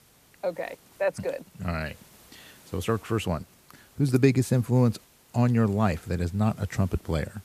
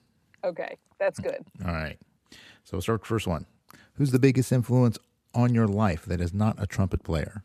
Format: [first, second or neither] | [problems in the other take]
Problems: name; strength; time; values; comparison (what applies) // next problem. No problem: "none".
second | hiss; faint; throughout; 25 dB below the speech